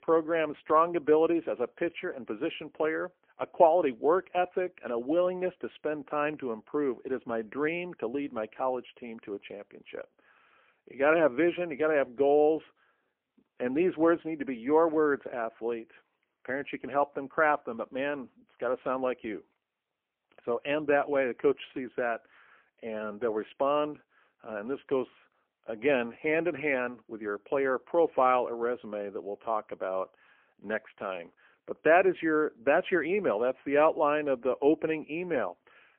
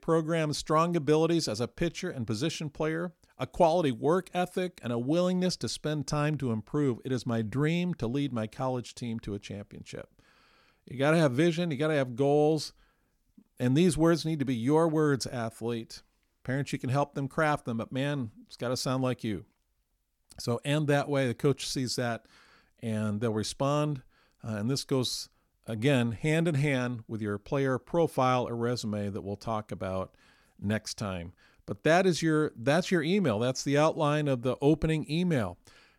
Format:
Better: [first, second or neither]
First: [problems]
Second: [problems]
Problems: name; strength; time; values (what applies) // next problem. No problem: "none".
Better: second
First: phone-call audio; poor line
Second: none